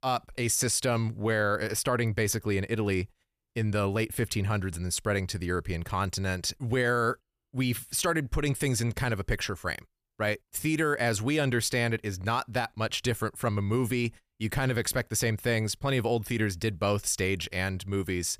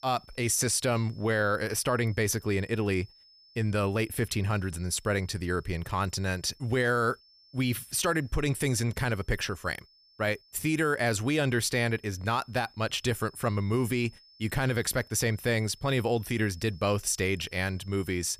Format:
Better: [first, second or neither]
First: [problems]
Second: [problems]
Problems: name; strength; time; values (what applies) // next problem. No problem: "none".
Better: first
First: none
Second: high-pitched whine; faint; throughout; 5.5 kHz, 25 dB below the speech